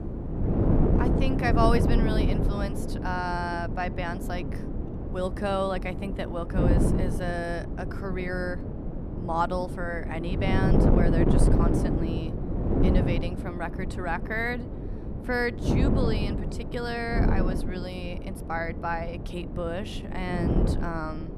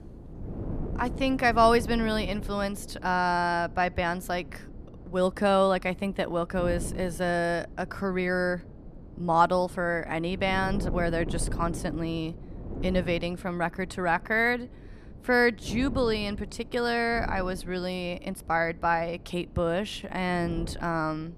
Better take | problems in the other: second | wind noise on the microphone; heavy; 3 dB below the speech; occasional gusts in the second

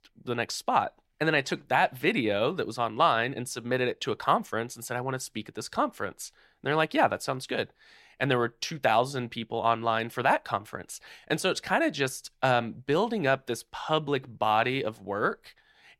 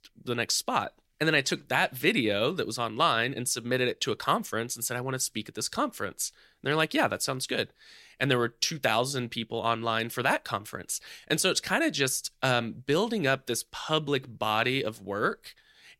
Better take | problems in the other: second | muffled; slightly; fading above 3.5 kHz

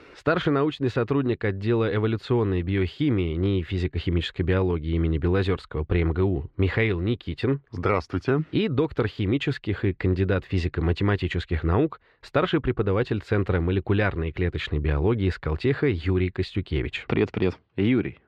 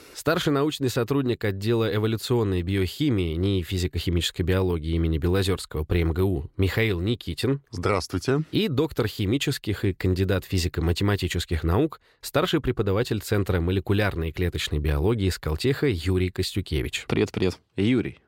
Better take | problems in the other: second | muffled; slightly; fading above 2.5 kHz

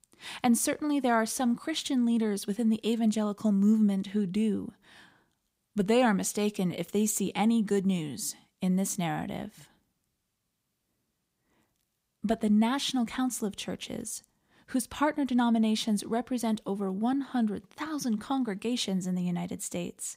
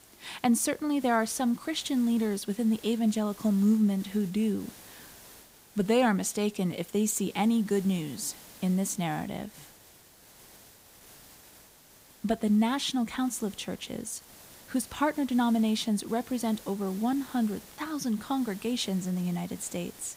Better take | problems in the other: first | hiss; faint; throughout; 20 dB below the speech

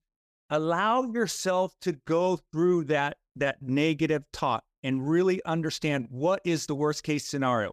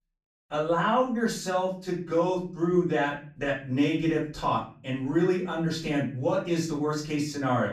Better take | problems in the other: first | off-mic speech; far // room echo; slight; dies away in 0.4 s

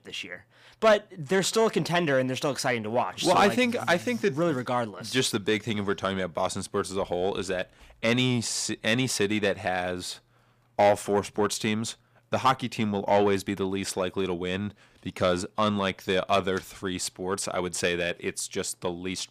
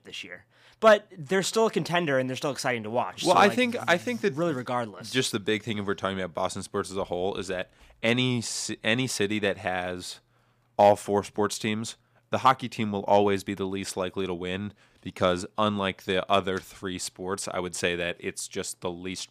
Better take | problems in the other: second | distortion; slight; 10 dB below the speech

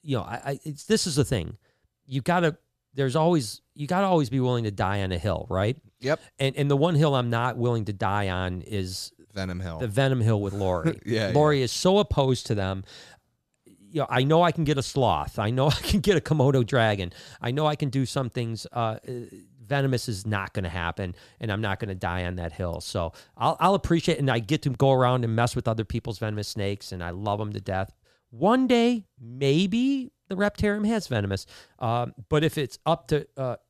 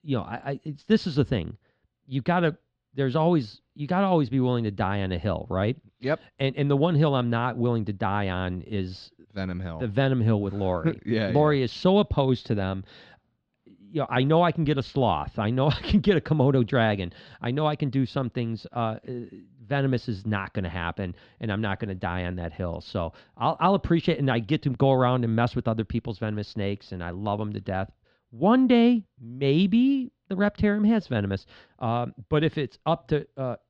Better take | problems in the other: first | muffled; slightly; fading above 4 kHz

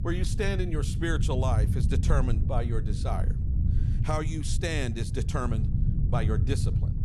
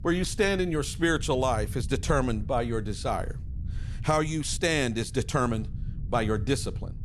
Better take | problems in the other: second | low rumble; loud; throughout; 8 dB below the speech; faint in the second

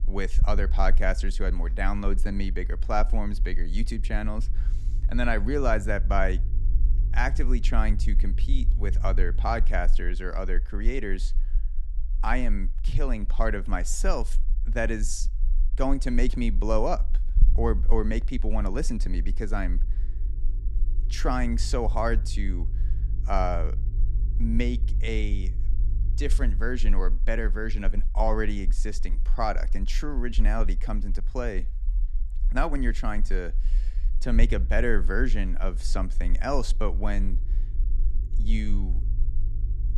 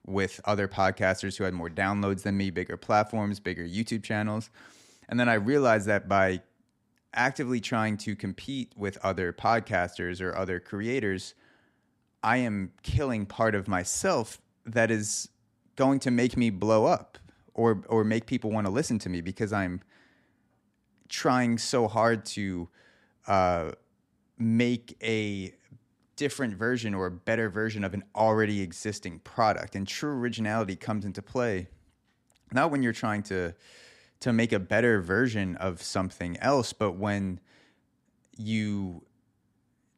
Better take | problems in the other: second | low rumble; faint; throughout; 20 dB below the speech

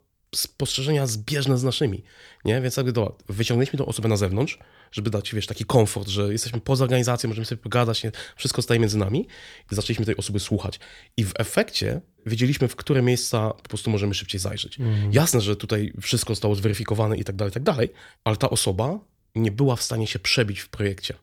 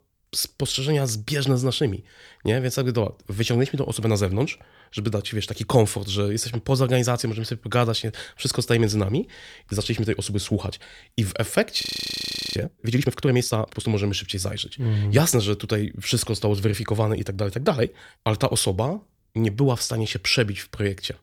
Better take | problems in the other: first | audio freezing; at 12 s for 0.5 s

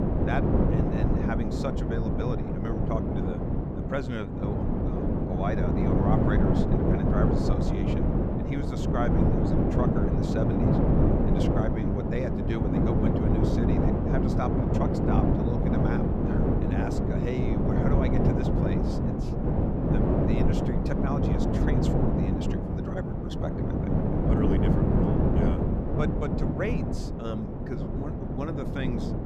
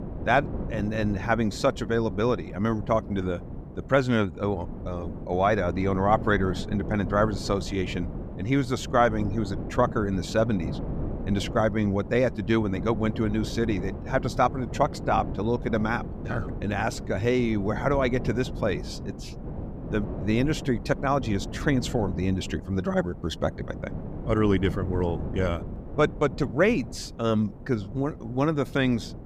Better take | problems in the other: second | wind noise on the microphone; heavy; 5 dB above the speech; occasional gusts in the second

